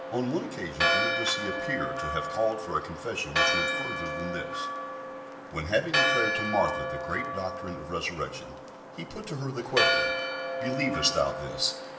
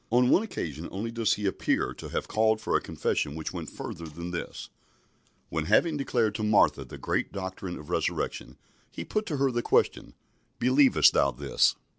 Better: second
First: background sound (Church bell); 2 dB above the speech // room echo; dies away in 0.7 s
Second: none

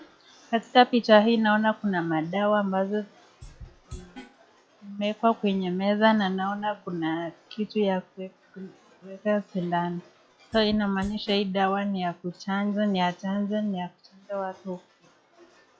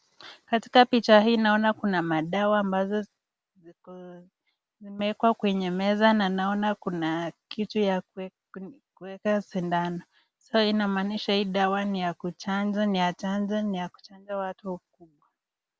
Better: second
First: noise reduction (classical method log-MMSE)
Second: none

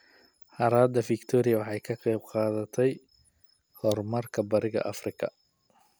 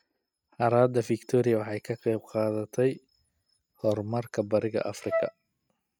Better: first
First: none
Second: noise reduction (neural mask model RNNoise)

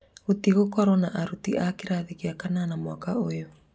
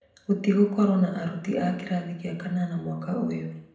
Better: first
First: none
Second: room echo; dies away in 0.7 s

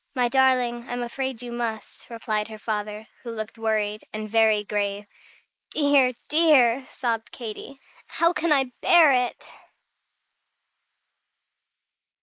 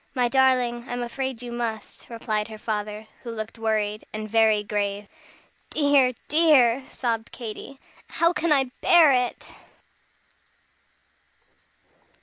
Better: second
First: noise reduction (neural mask model Resemble Enhance denoiser)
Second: none

